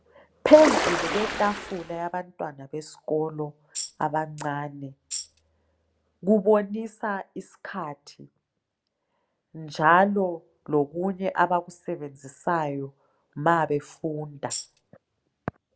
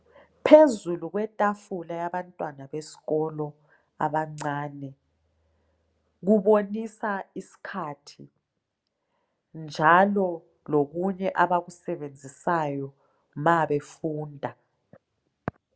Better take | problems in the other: second | background sound (Ocean + Tambourine); 3 dB below the speech

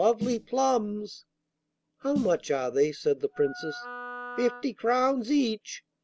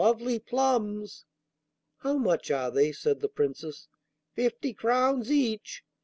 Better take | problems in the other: second | background sound (Wind instrument, woodwind instrument + Snare drum); 13 dB below the speech

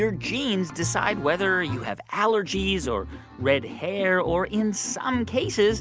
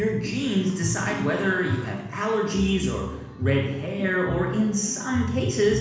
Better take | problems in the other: first | room echo; dies away in 1.1 s

